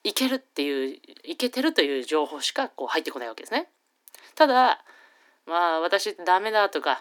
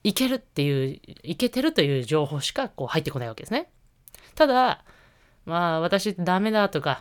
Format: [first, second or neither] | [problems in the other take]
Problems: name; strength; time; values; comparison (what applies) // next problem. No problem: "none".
second | thin; somewhat; fading below 250 Hz